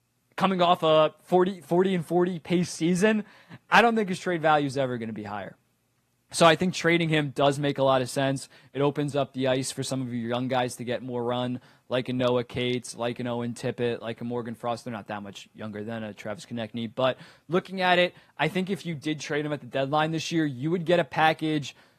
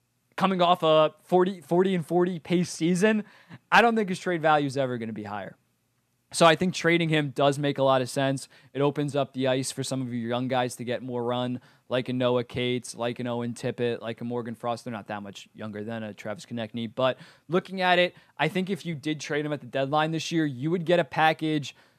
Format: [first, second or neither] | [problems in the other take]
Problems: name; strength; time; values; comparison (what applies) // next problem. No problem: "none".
second | garbled, watery; slightly; nothing above 14 kHz